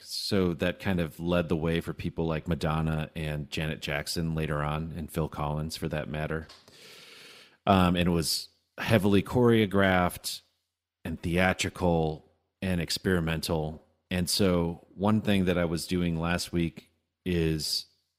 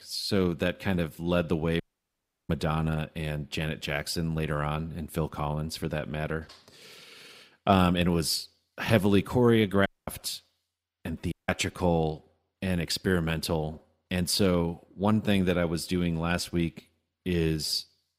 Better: first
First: none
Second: audio cutting out; at 2 s for 0.5 s, at 10 s and at 11 s

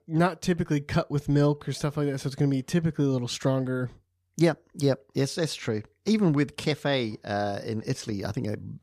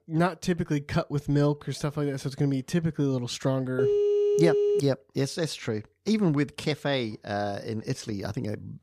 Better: first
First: none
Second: phone ringing; loud; from 4 to 5 s; peak 5 dB above the speech

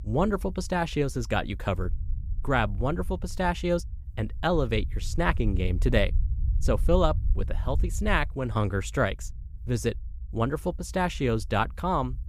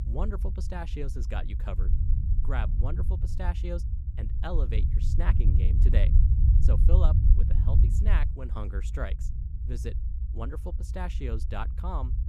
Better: first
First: low rumble; faint; throughout; 25 dB below the speech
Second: low rumble; loud; throughout; 5 dB below the speech

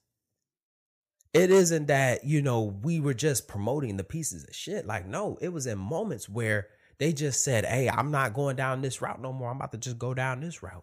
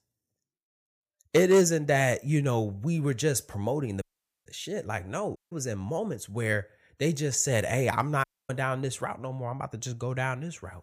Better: first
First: none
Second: audio cutting out; at 4 s, at 5.5 s and at 8 s

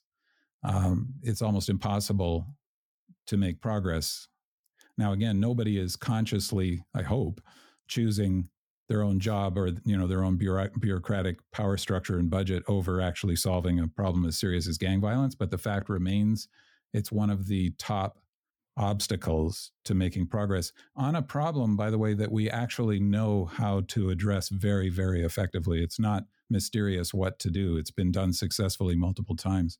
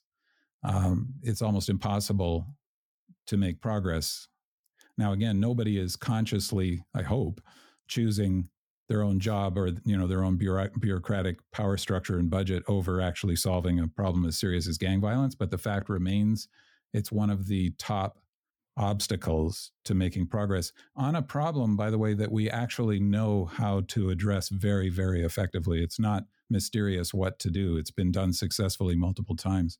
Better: neither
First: none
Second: none

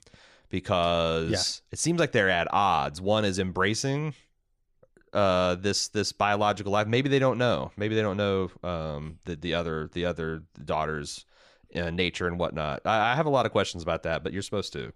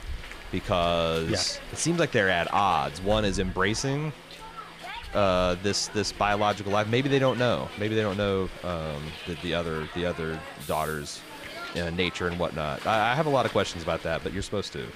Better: first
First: none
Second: hiss; noticeable; throughout; 15 dB below the speech

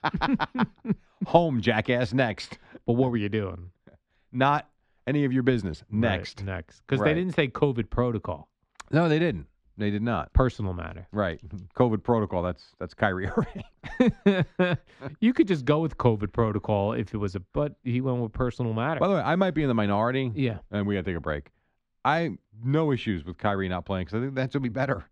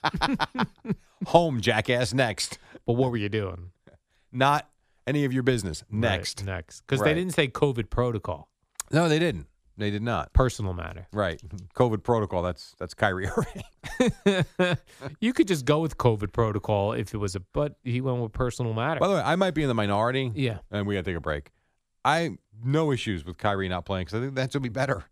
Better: second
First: muffled; slightly; fading above 3 kHz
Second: none

